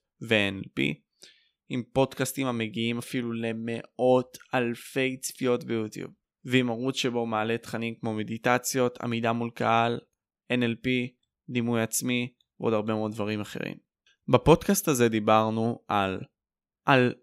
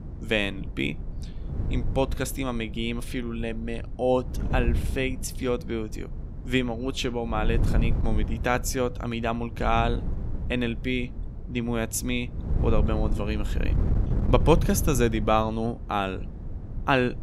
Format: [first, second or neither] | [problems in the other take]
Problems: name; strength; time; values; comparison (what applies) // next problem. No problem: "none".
first | wind noise on the microphone; occasional gusts; 15 dB below the speech